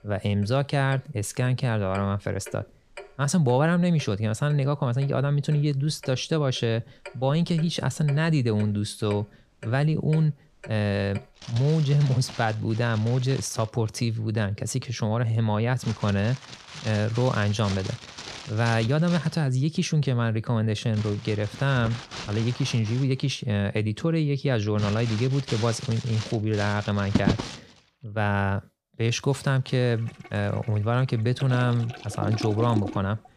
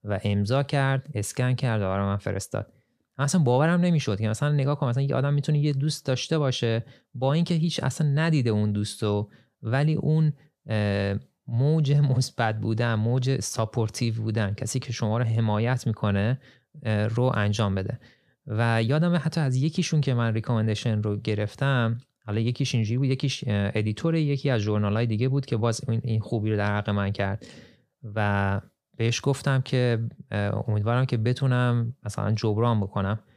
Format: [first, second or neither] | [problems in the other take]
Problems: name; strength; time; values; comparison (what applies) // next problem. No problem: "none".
second | household noises; noticeable; throughout; 10 dB below the speech